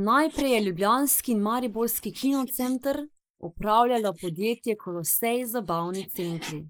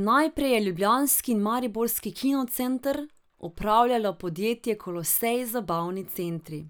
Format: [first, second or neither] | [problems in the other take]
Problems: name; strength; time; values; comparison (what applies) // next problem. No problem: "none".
second | noise reduction (neural mask model Resemble Enhance denoiser)